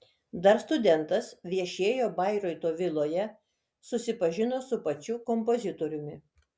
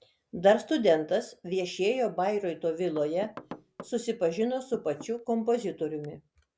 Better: first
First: none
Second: background sound (Knock / Wood); 20 dB below the speech

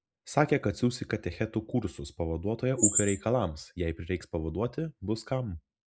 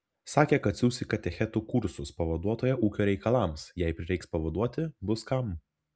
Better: second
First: noise reduction (neural mask model Resemble Enhance denoiser)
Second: none

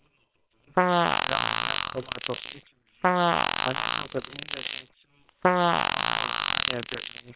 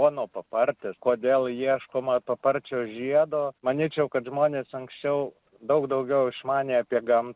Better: second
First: noise reduction (neural separator model SepFormer WHAMR!)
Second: none

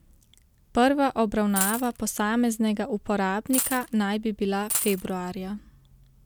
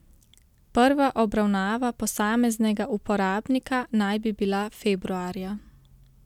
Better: second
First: background sound (Coin (dropping)); 5 dB below the speech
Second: none

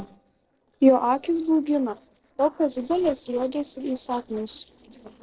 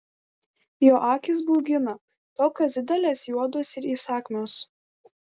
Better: second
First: noise reduction (neural separator model SepFormer DNS4)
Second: none

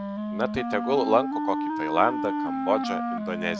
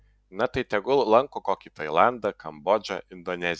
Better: second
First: background sound (Wind instrument, woodwind instrument); 2 dB below the speech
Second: none

